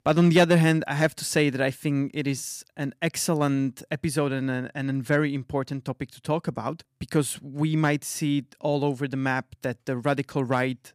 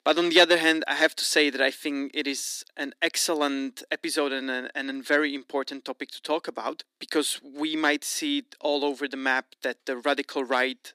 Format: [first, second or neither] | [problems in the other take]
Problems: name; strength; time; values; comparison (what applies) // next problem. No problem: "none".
first | thin; somewhat; fading below 300 Hz